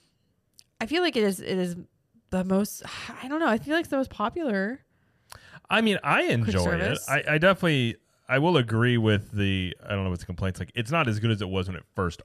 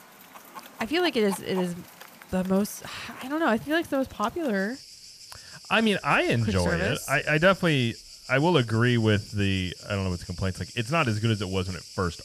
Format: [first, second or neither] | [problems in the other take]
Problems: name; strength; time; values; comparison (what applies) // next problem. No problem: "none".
first | animal sounds; noticeable; throughout; 15 dB below the speech